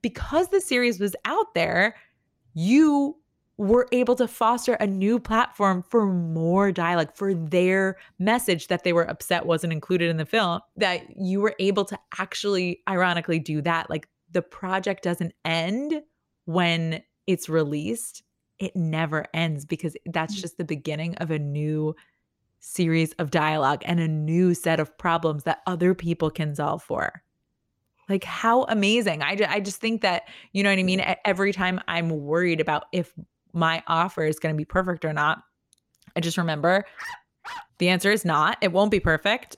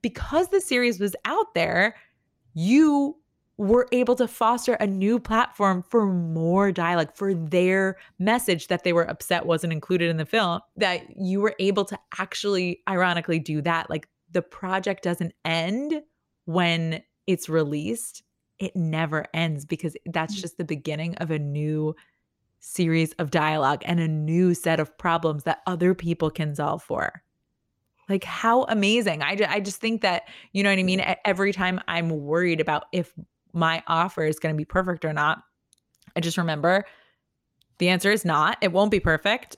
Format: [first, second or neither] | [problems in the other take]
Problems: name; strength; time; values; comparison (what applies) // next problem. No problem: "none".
second | dog barking; faint; at 37 s; peak 15 dB below the speech